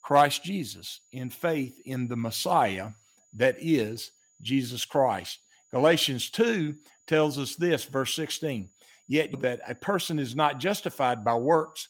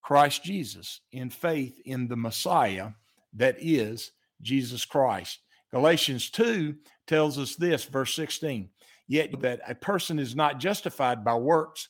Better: second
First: high-pitched whine; faint; throughout; 7 kHz, 35 dB below the speech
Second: none

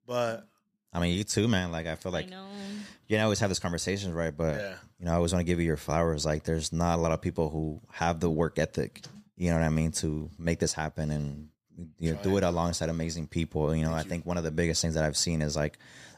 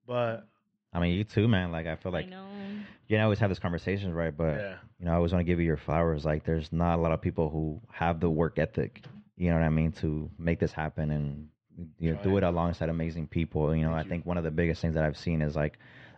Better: first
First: none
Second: muffled; very; fading above 3 kHz

